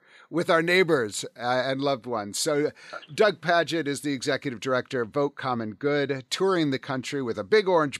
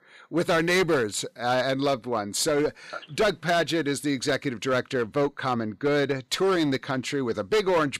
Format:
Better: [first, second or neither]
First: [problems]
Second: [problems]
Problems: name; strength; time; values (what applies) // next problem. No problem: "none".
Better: first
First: none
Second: distortion; slight; 9% of the sound clipped